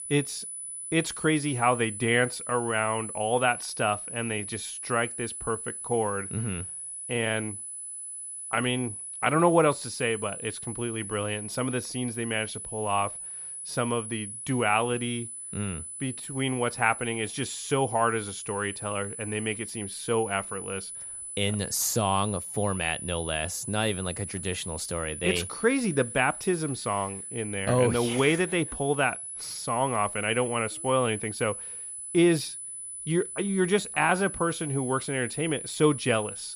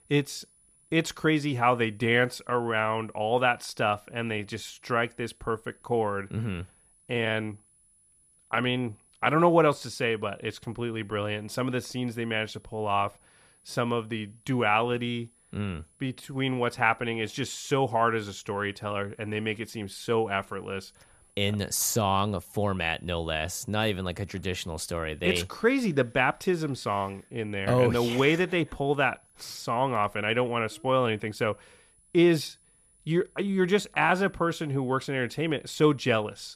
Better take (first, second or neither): second